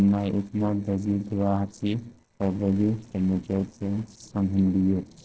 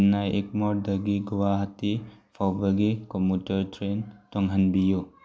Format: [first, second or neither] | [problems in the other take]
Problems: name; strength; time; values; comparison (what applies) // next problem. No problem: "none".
second | noise reduction (neural separator model SepFormer DNS4)